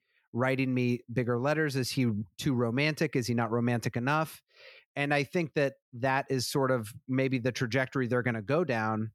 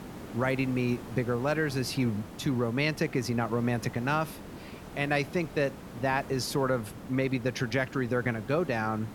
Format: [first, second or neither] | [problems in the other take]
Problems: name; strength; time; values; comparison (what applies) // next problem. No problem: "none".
first | hiss; noticeable; throughout; 15 dB below the speech